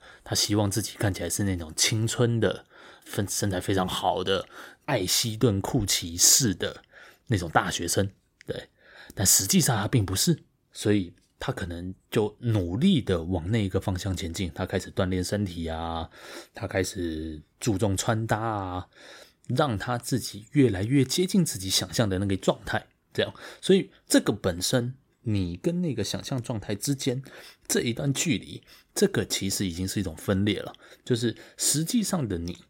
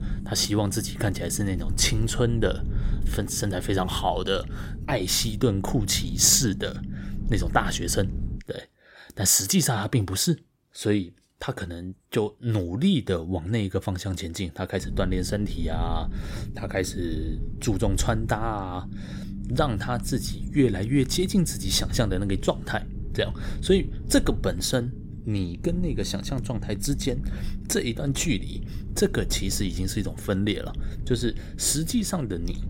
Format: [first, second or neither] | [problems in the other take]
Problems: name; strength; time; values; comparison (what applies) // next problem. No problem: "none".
first | low rumble; noticeable; until 8.5 s and from 15 s on; 15 dB below the speech